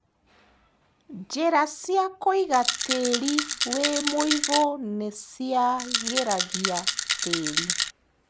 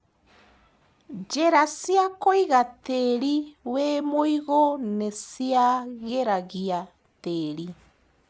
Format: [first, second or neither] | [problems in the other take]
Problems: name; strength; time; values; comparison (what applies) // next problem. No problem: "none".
second | background sound (Rattle); 1 dB below the speech